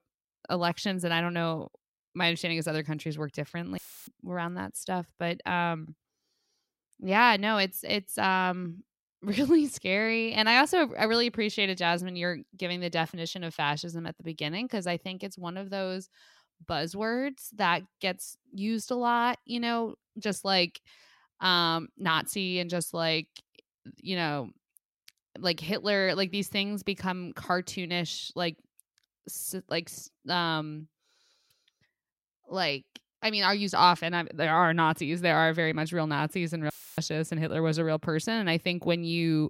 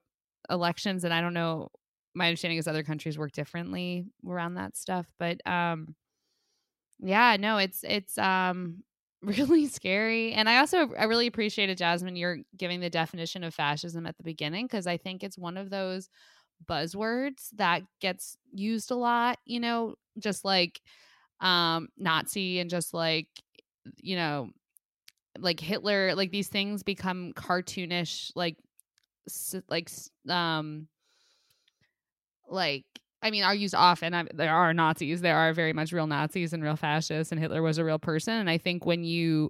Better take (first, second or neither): second